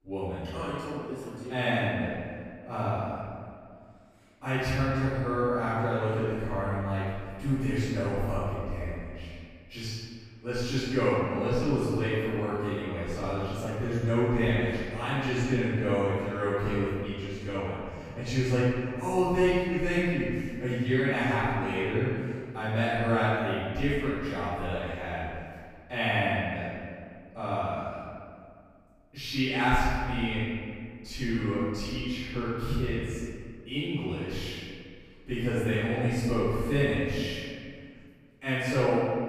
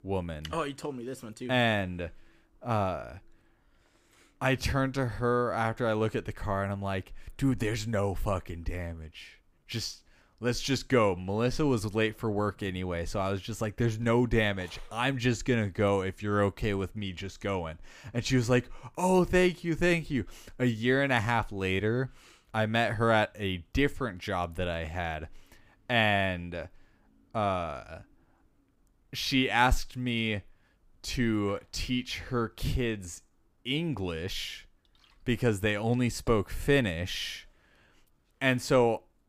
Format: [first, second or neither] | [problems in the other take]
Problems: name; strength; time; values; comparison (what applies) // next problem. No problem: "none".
second | off-mic speech; far // room echo; strong; dies away in 1.9 s